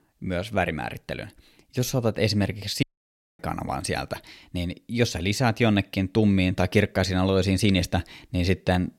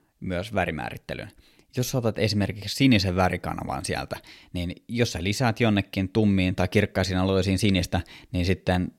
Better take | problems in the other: second | audio cutting out; at 3 s for 0.5 s

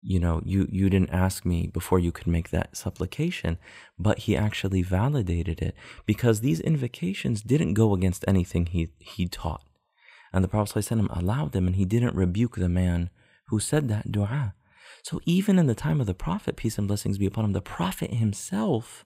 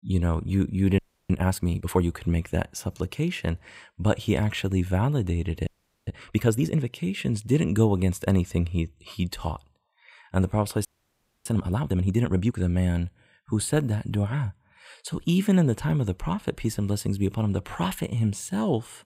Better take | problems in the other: first | audio freezing; at 1 s, at 5.5 s and at 11 s for 0.5 s

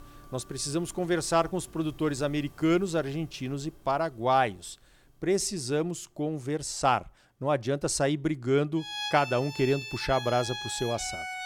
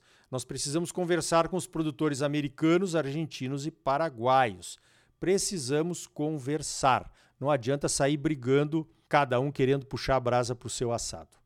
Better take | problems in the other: second | background music; loud; throughout; 7 dB below the speech

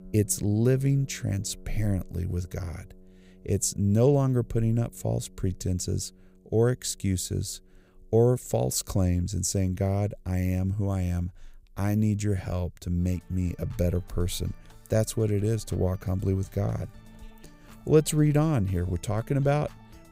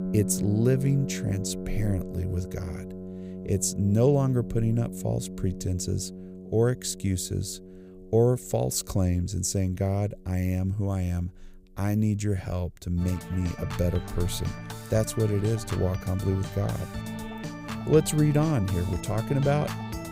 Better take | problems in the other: first | background music; loud; throughout; 9 dB below the speech; faint in the first

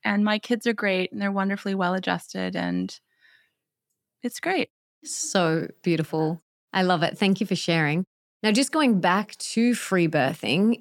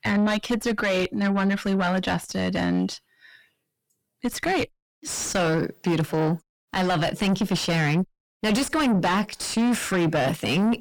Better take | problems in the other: first | distortion; heavy; 5 dB below the speech

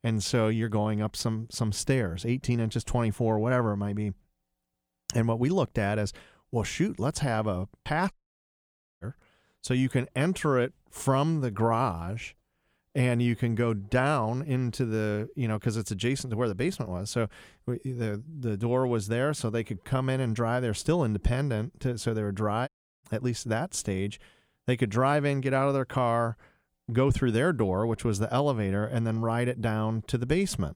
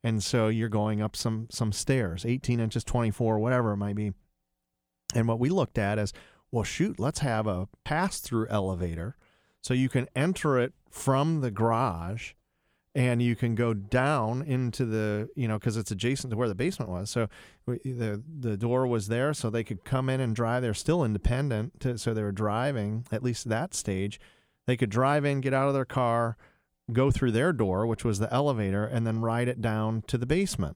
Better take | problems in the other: second | audio cutting out; at 8 s for 1 s and at 23 s

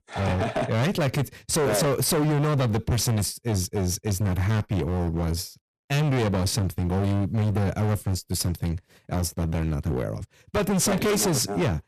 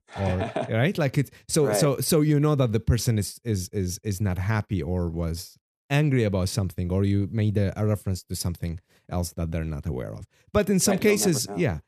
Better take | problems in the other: second | distortion; heavy; 27% of the sound clipped

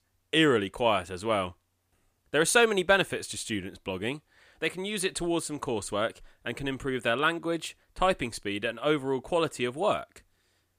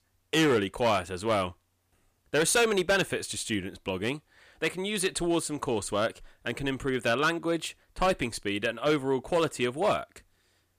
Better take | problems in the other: first | distortion; slight; 4% of the sound clipped

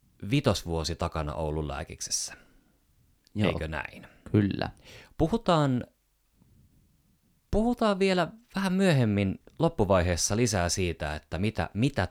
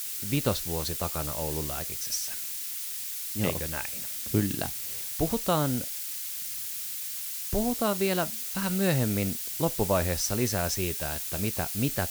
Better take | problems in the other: first | hiss; loud; throughout; as loud as the speech

